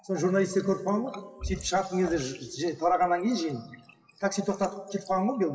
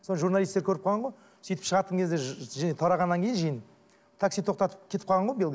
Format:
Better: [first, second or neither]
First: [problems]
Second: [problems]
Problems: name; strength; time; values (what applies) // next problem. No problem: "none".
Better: second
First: noise reduction (classical method WPE with log-MMSE)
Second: none